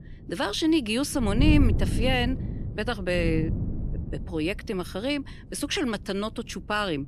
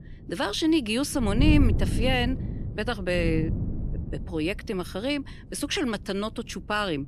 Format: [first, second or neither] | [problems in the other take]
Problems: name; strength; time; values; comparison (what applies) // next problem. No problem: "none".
neither | wind noise on the microphone; occasional gusts; 10 dB below the speech; the same in both